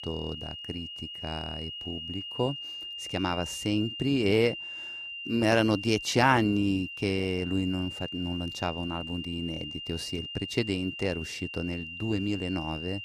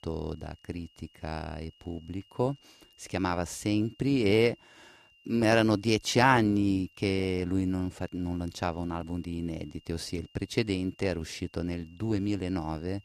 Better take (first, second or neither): second